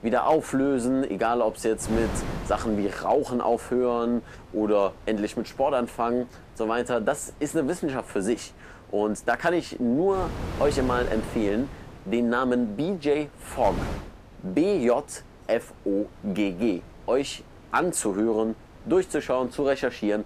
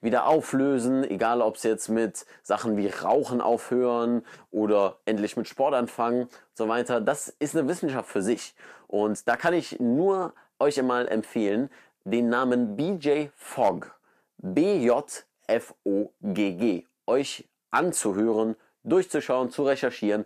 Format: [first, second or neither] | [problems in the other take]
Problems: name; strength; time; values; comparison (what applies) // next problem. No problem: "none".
second | wind noise on the microphone; occasional gusts; 15 dB below the speech